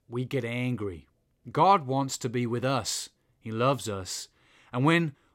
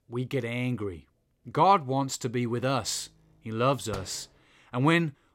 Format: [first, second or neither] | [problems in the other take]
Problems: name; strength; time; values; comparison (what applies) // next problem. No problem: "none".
first | door banging; faint; at 4 s; peak 15 dB below the speech